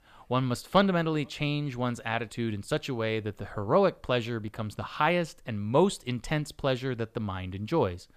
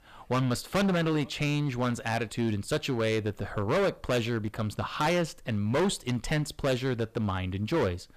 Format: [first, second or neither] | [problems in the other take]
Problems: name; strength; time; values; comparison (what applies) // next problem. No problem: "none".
first | distortion; heavy; 12% of the sound clipped